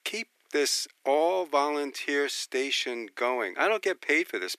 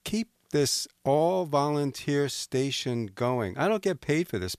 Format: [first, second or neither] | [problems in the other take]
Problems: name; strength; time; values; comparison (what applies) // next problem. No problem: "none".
second | thin; somewhat; fading below 300 Hz